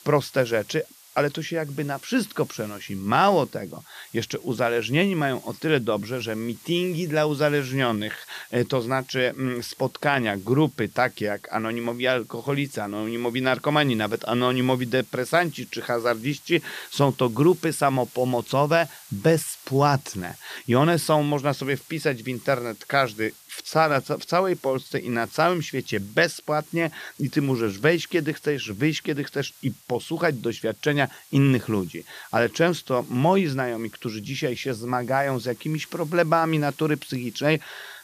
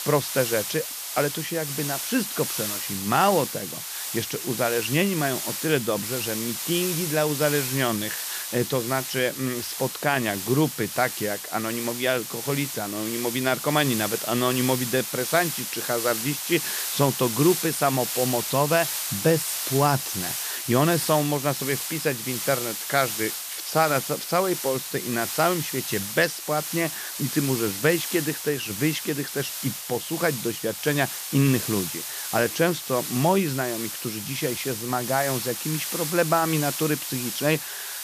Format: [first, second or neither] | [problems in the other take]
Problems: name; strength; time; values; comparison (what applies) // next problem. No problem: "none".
first | hiss; loud; throughout; 4 dB below the speech; faint in the first